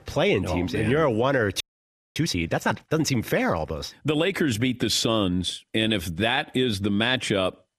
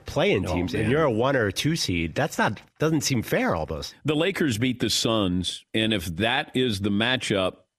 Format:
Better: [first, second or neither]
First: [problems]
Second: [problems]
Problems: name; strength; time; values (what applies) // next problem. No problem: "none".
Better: second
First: audio freezing; at 1.5 s for 0.5 s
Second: none